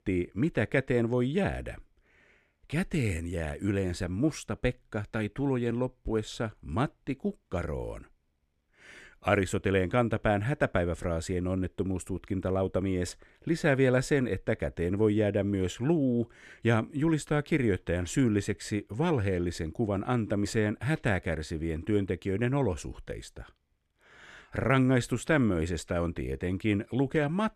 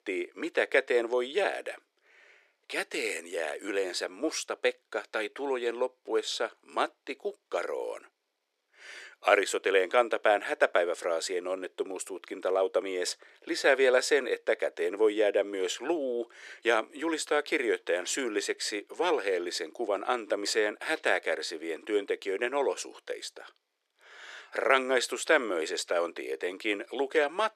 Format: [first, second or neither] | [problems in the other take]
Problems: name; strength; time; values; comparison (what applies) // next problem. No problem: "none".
first | thin; very; fading below 400 Hz